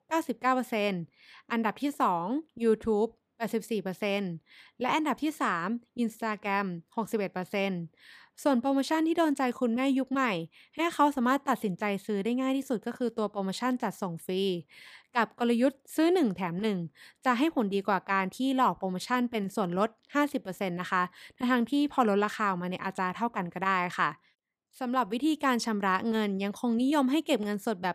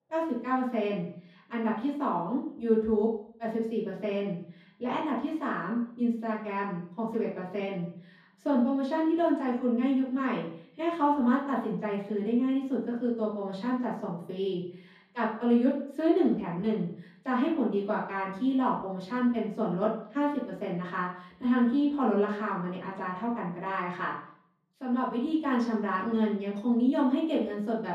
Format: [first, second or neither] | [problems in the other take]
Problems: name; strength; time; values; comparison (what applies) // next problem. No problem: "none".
first | room echo; noticeable; dies away in 0.6 s // off-mic speech; far